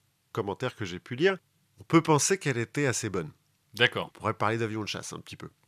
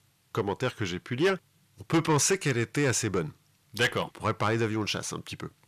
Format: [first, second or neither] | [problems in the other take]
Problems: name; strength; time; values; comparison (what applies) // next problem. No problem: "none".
first | distortion; heavy; 8 dB below the speech